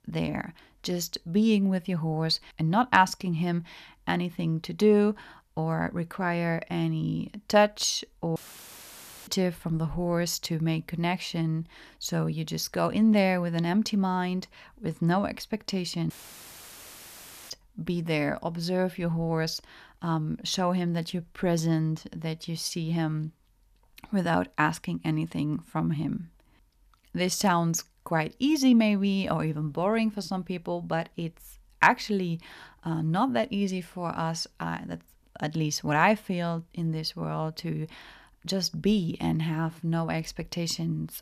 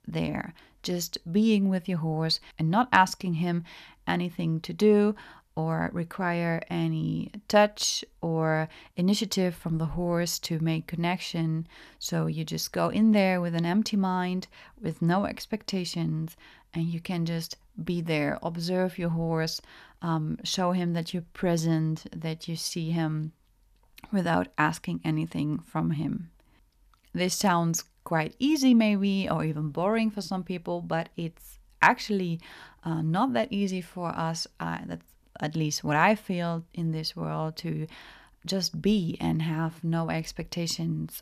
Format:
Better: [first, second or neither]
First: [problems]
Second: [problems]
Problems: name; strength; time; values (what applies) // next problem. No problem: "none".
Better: second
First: audio cutting out; filled with static; at 8.5 s for 1 s and at 16 s for 1.5 s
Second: none